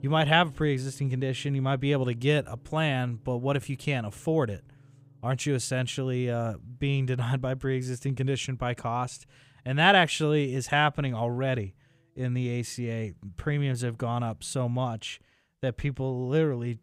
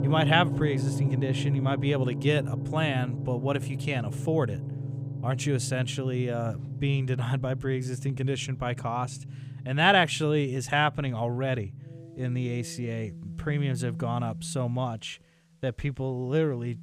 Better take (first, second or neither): first